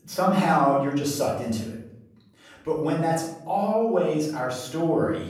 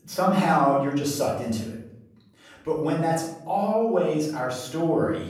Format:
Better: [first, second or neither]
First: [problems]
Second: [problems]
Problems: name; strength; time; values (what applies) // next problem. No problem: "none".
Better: neither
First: off-mic speech; far // room echo; noticeable; dies away in 0.7 s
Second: off-mic speech; far // room echo; noticeable; dies away in 0.7 s